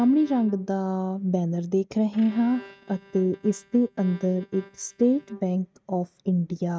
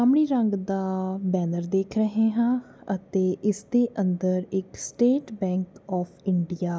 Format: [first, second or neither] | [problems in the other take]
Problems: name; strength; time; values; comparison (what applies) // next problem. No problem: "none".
second | noise reduction (neural mask model RNNoise)